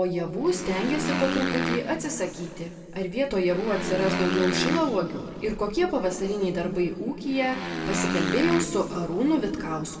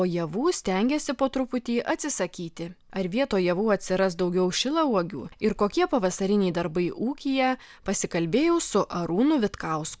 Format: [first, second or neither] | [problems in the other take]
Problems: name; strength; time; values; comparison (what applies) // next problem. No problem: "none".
second | background sound (Motorcycle); 5 dB below the speech // room echo; dies away in 2 s